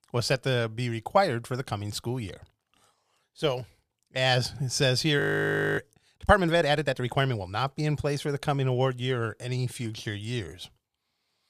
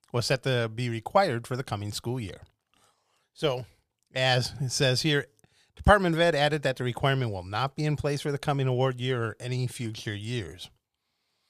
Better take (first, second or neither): second